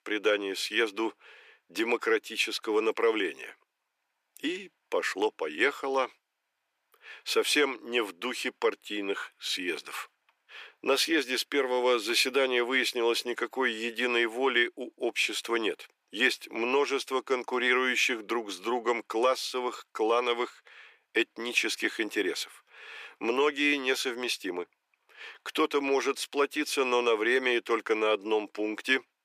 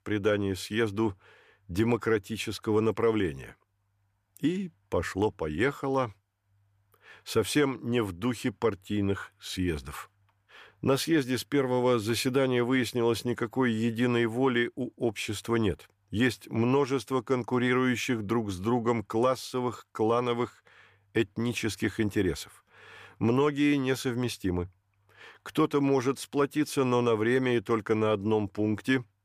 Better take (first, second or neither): second